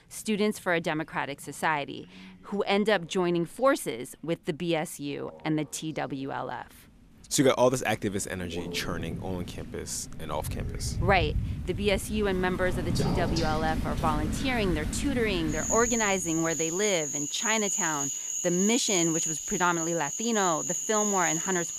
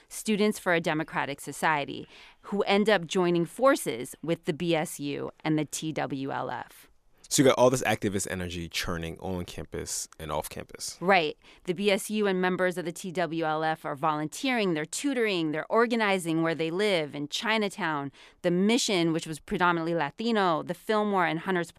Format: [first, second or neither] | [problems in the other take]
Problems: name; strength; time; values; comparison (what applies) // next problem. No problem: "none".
second | animal sounds; loud; throughout; 2 dB below the speech